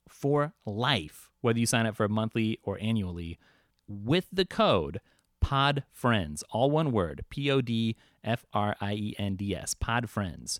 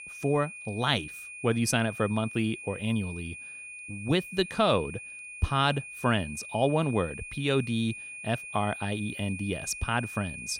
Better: first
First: none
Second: high-pitched whine; noticeable; throughout; 2.5 kHz, 10 dB below the speech

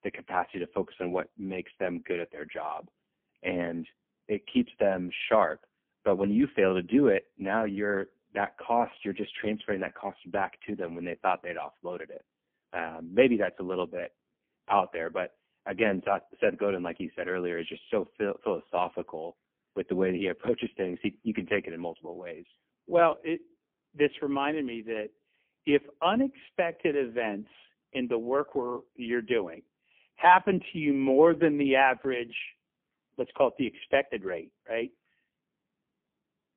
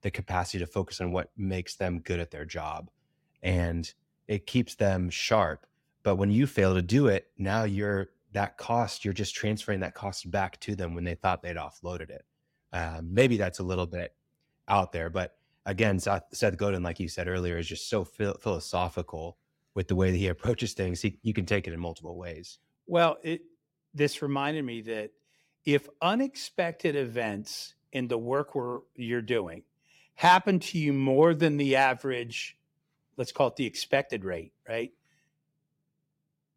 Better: second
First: phone-call audio; poor line; nothing above 3 kHz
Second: none

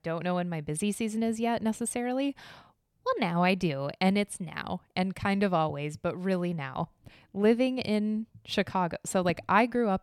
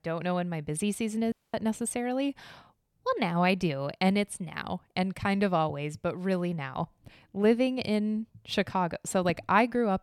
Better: first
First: none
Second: audio cutting out; at 1.5 s

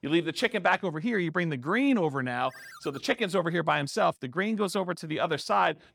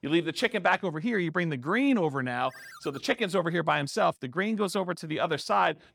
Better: neither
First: phone ringing; faint; at 2.5 s; peak 20 dB below the speech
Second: phone ringing; faint; at 2.5 s; peak 20 dB below the speech

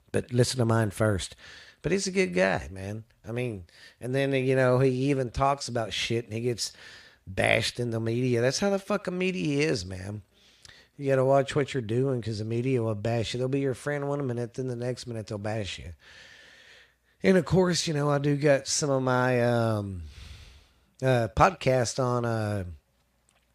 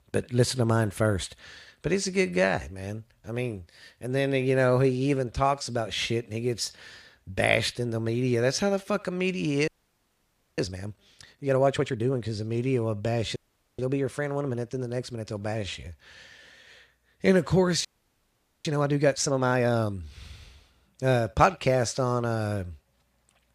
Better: first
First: none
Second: audio freezing; at 9.5 s for 1 s, at 13 s and at 18 s for 1 s

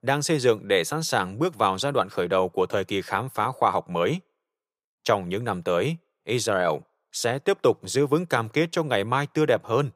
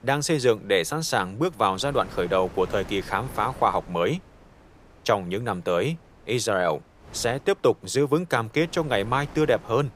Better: first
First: none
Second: wind noise on the microphone; occasional gusts; 25 dB below the speech

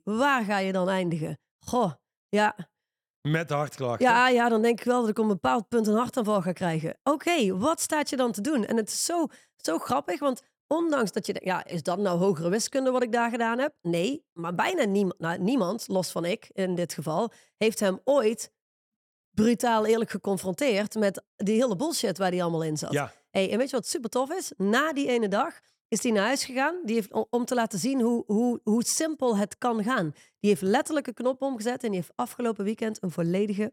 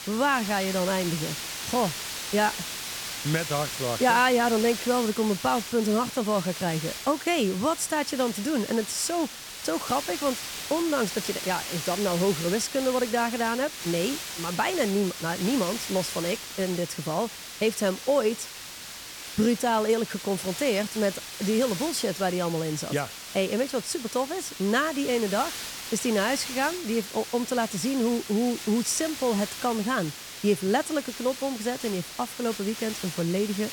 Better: first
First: none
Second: hiss; loud; throughout; 7 dB below the speech

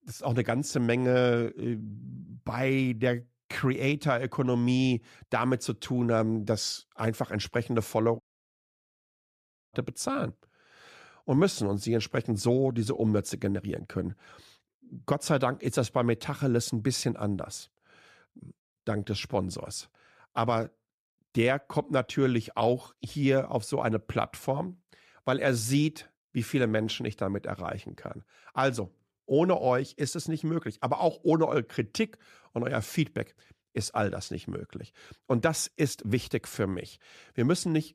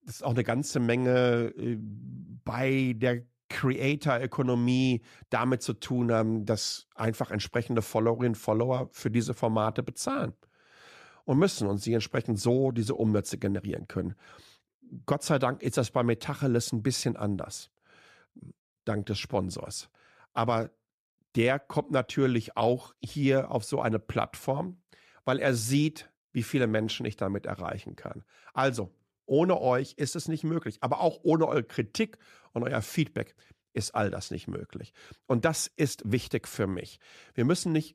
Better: second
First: audio cutting out; at 8 s for 1.5 s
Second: none

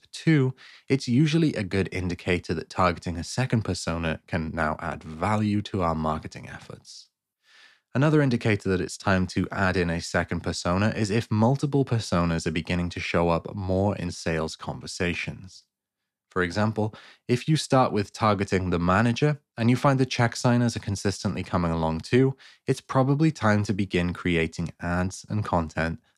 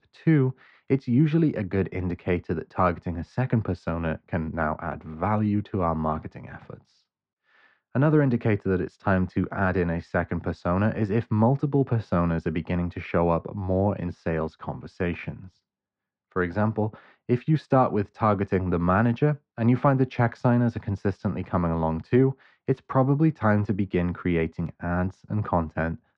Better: first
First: none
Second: muffled; very; fading above 1.5 kHz

